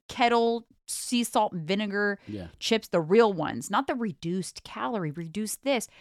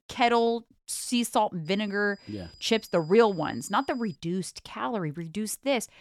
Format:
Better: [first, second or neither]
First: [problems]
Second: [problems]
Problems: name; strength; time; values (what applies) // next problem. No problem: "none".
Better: first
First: none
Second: high-pitched whine; faint; from 1.5 to 4 s; 5 kHz, 25 dB below the speech